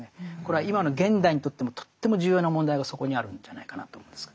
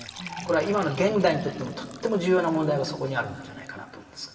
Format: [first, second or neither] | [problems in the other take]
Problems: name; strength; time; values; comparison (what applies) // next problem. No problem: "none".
first | background sound (Fill (with liquid) / Trickle, dribble); 19 dB below the speech // room echo; dies away in 2 s